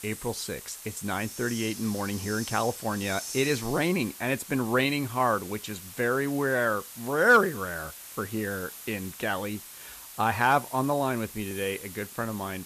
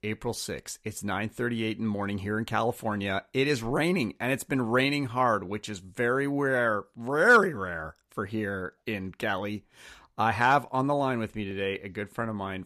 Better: second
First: hiss; noticeable; throughout; 10 dB below the speech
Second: none

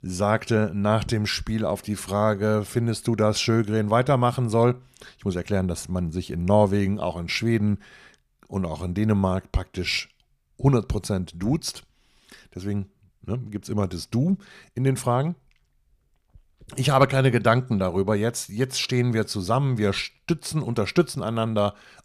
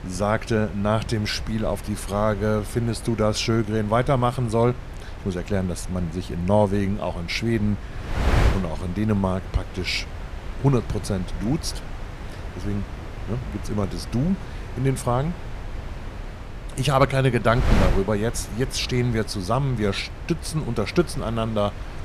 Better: first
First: none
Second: wind noise on the microphone; occasional gusts; 10 dB below the speech

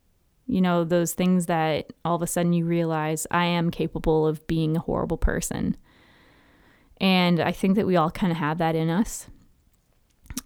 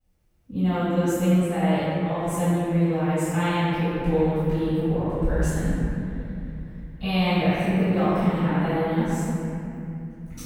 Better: first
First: none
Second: off-mic speech; far // room echo; strong; dies away in 3 s

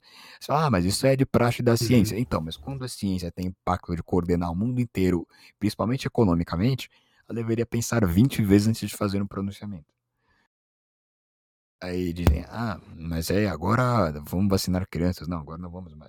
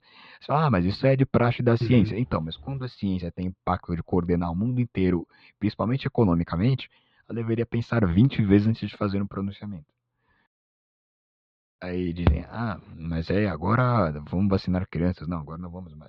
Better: first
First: none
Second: muffled; slightly; fading above 4 kHz

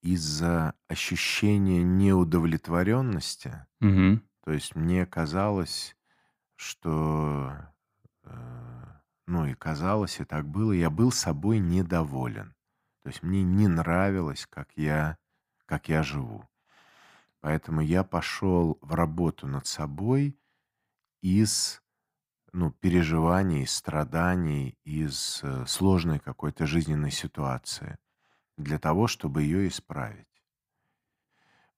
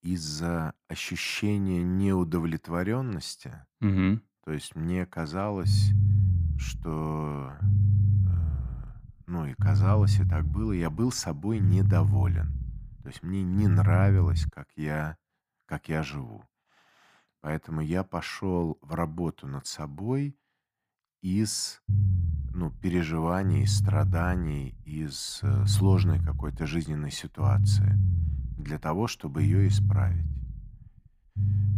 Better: first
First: none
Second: low rumble; loud; from 5.5 to 14 s and from 22 s on; 6 dB below the speech

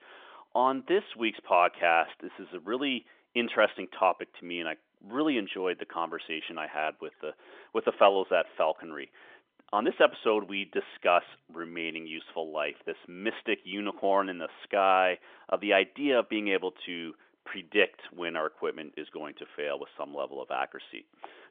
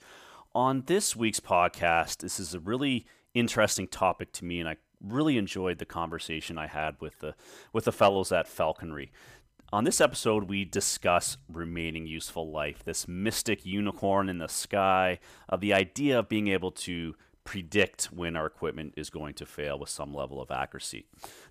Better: second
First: phone-call audio; nothing above 3.5 kHz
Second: none

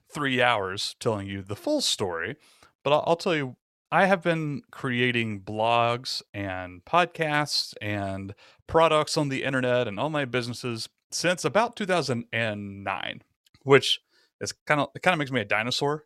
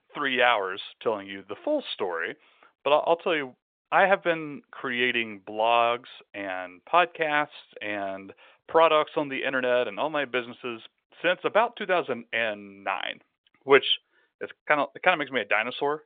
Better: first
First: none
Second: phone-call audio; nothing above 3 kHz

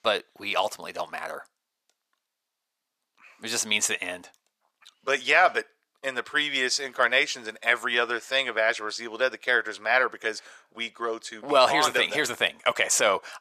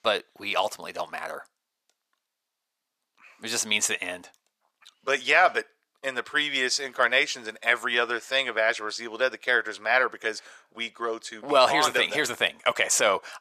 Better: neither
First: thin; very; fading below 700 Hz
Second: thin; very; fading below 700 Hz

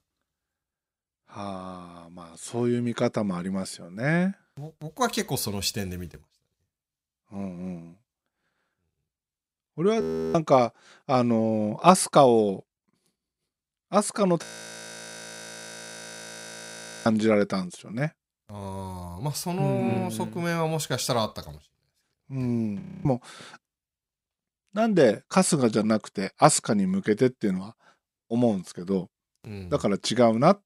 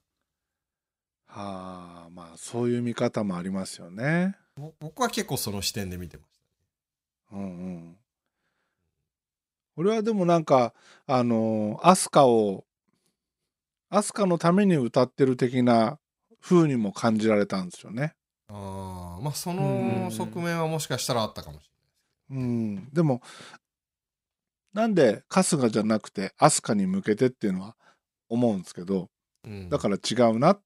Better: second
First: audio freezing; at 10 s, at 14 s for 2.5 s and at 23 s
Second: none

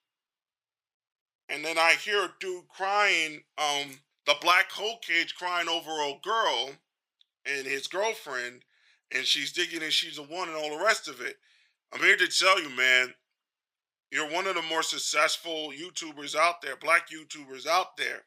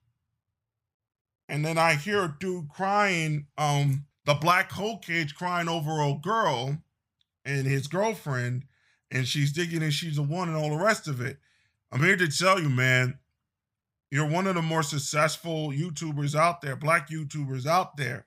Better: second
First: thin; very; fading below 350 Hz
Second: none

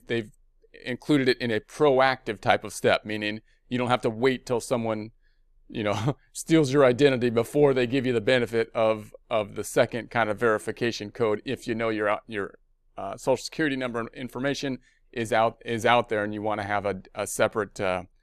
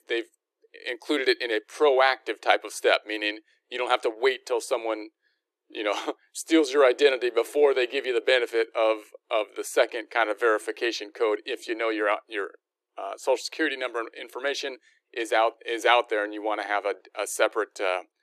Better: first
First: none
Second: thin; very; fading below 300 Hz

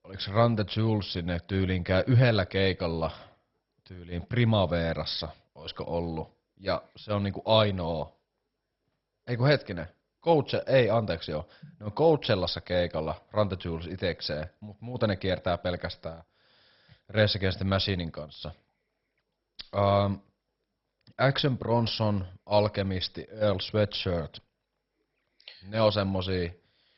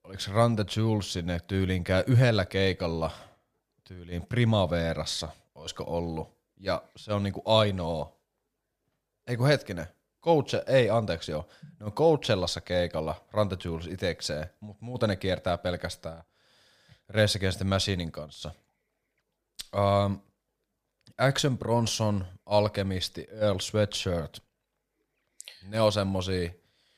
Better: second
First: garbled, watery; badly; nothing above 5.5 kHz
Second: none

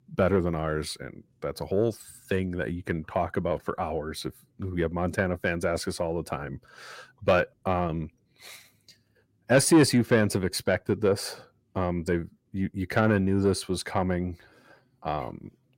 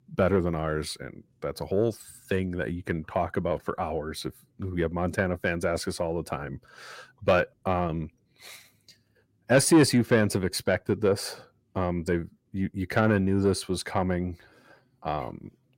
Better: neither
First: distortion; slight; 10 dB below the speech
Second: distortion; slight; 10 dB below the speech

